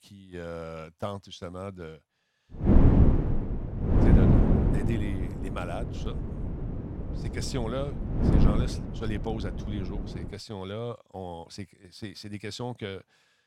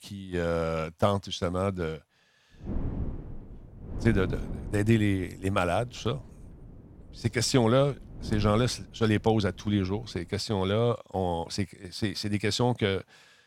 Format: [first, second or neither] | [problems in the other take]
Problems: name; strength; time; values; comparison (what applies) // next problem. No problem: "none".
second | wind noise on the microphone; heavy; from 2.5 to 10 s; 4 dB above the speech; occasional gusts in the second